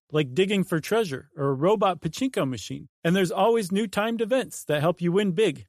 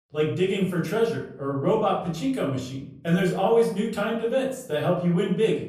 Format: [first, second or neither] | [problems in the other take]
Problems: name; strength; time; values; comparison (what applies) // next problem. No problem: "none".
first | off-mic speech; far // room echo; slight; dies away in 0.6 s